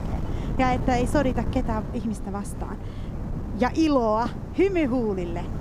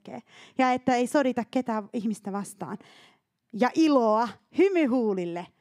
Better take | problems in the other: second | wind noise on the microphone; occasional gusts; 15 dB below the speech

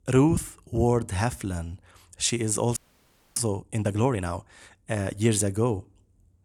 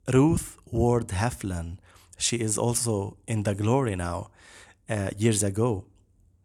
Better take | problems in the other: second | audio freezing; at 3 s for 0.5 s

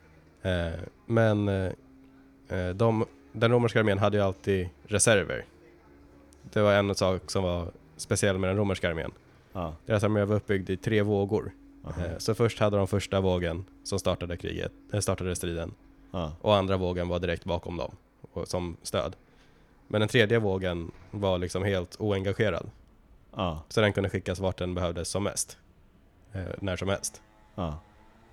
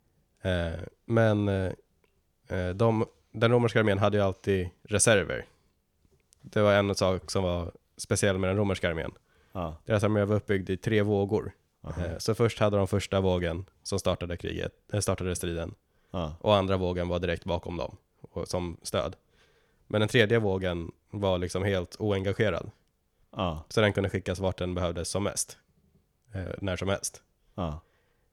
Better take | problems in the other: second | traffic noise; faint; throughout; 30 dB below the speech

